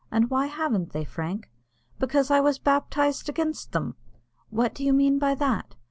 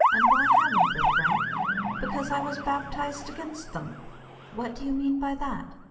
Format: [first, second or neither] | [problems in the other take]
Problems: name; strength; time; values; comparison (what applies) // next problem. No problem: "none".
first | background sound (Motor vehicle (road) / Siren); 5 dB above the speech // room echo; dies away in 1.5 s